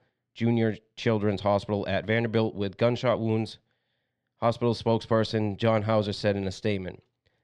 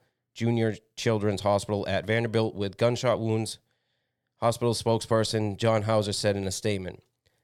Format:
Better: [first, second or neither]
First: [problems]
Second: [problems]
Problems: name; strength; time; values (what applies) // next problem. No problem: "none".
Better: second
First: muffled; very slightly; fading above 3 kHz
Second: none